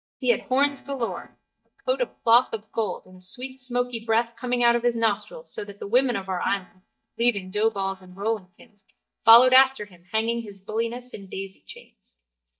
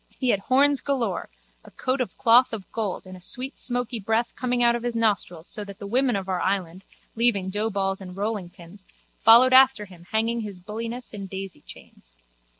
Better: second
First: noise reduction (neural mask model DeepFilterNet 3)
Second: none

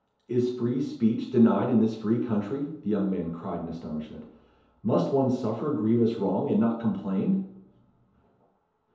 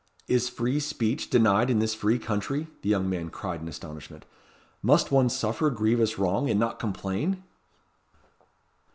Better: second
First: room echo; dies away in 2.2 s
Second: none

